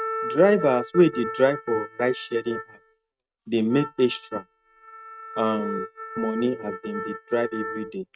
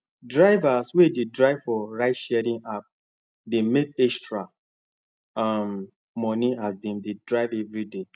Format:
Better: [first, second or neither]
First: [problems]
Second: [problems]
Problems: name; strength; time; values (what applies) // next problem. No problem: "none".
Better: second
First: noise reduction (neural mask model RNNoise)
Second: none